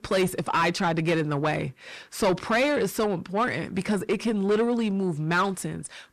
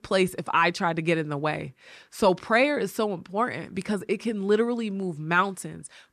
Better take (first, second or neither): second